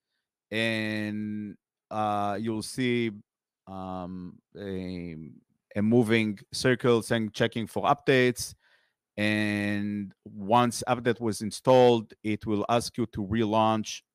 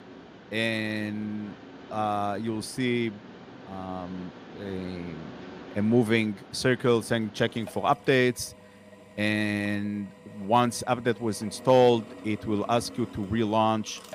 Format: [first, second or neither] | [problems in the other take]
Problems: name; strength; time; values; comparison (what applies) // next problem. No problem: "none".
first | machinery noise; noticeable; throughout; 20 dB below the speech